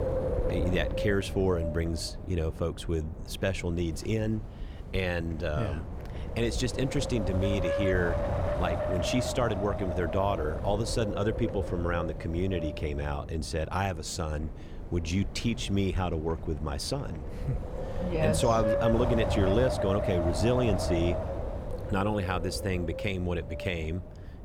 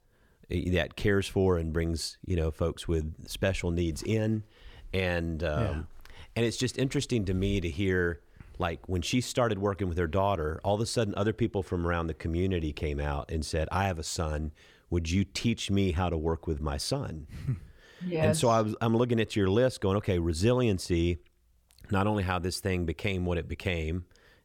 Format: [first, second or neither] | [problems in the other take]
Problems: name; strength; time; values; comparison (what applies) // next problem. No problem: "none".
second | wind noise on the microphone; heavy; 1 dB below the speech